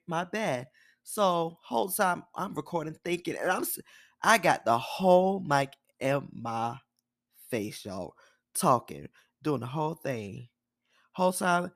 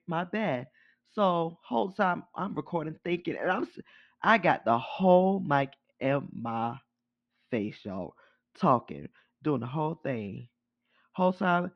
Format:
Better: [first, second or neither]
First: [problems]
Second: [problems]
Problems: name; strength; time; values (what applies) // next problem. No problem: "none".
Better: first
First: none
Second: muffled; very; fading above 3.5 kHz